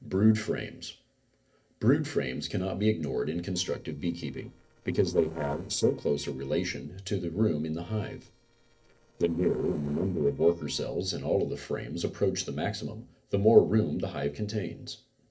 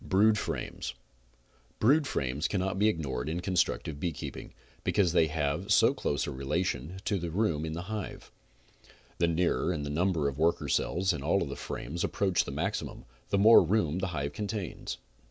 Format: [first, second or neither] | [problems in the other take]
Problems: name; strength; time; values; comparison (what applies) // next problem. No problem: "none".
second | noise reduction (neural separator model SepFormer DNS4)